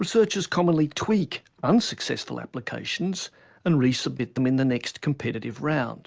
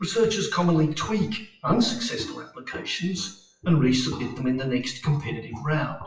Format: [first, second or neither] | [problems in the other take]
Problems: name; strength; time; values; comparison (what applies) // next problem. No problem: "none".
first | noise reduction (classical method WPE with log-MMSE)